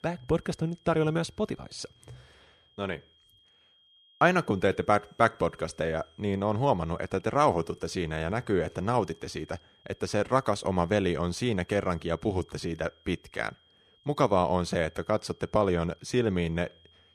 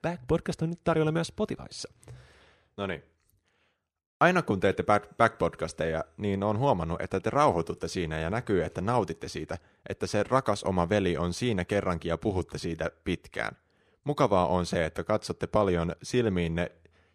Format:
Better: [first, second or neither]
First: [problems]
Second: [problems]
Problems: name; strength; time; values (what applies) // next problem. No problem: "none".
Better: second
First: high-pitched whine; faint; throughout; 3 kHz, 30 dB below the speech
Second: none